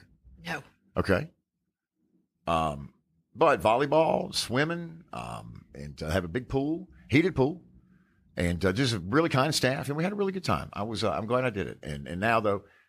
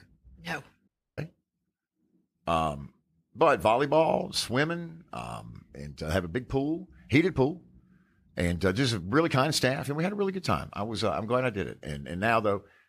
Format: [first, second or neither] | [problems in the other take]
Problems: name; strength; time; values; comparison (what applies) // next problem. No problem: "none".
first | audio cutting out; at 1 s